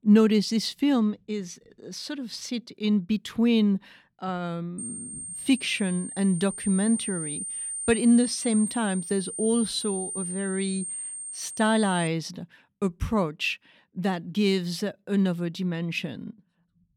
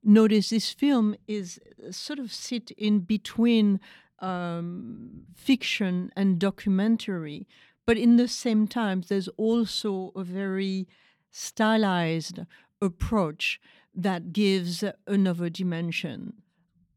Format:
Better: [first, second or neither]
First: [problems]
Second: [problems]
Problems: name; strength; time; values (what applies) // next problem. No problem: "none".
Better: second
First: high-pitched whine; loud; from 5 to 12 s; 8.5 kHz, 6 dB below the speech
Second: none